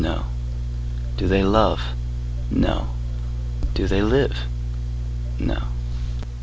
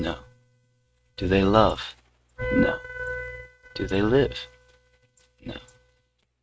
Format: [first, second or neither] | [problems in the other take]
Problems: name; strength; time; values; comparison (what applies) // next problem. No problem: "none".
first | noise reduction (neural mask model RNNoise)